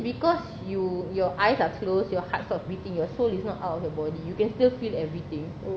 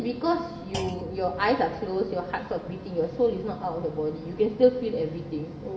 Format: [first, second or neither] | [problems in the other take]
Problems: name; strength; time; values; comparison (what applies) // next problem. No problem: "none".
first | background sound (Thump, thud); 16 dB below the speech // room echo; dies away in 1 s